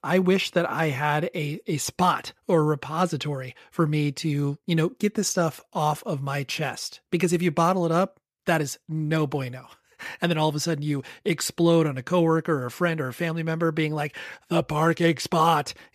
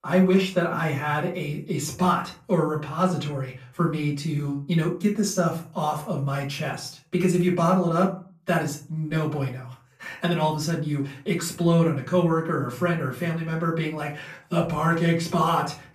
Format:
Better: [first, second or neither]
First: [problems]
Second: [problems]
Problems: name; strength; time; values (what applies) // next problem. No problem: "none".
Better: first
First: none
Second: off-mic speech; far // room echo; slight; dies away in 0.3 s